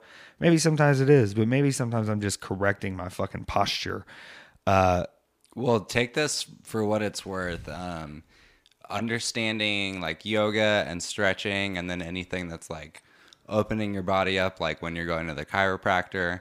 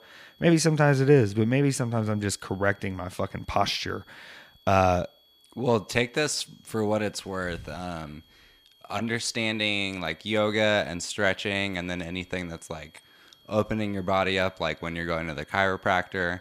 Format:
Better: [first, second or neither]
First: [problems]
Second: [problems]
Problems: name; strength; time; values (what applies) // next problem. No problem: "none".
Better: first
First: none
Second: high-pitched whine; faint; throughout; 3.5 kHz, 30 dB below the speech